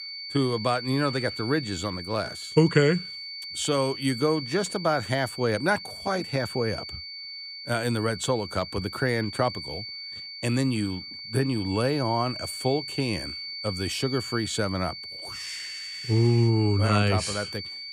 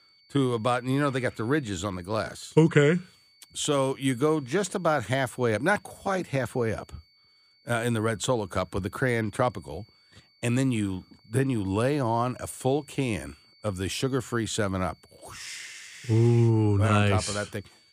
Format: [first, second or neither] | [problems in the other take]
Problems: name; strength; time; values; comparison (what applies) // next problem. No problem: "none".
second | high-pitched whine; loud; throughout; 4.5 kHz, 9 dB below the speech; faint in the second